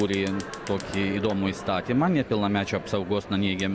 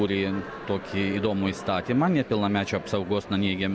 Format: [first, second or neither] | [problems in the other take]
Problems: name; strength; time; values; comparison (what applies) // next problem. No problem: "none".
second | background sound (Fire); 19 dB below the speech